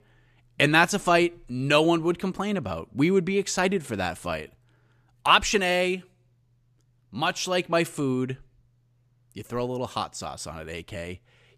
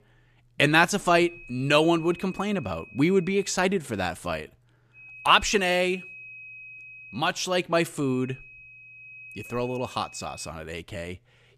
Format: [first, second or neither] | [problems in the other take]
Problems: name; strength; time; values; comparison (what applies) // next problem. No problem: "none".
first | high-pitched whine; noticeable; from 1 to 3.5 s, from 5 to 7 s and from 8 to 10 s; 2.5 kHz, 20 dB below the speech